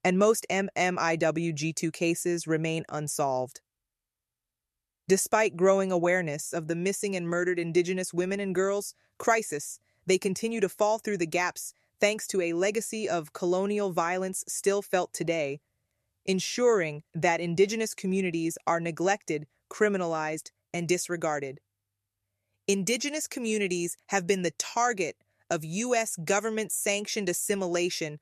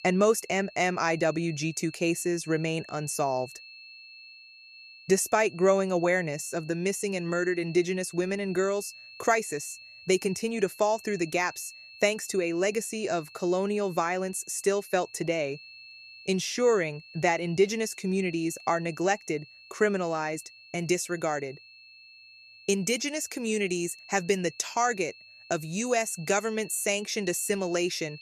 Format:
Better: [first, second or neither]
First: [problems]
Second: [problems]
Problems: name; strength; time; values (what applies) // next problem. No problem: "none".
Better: first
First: none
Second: high-pitched whine; noticeable; throughout; 2.5 kHz, 20 dB below the speech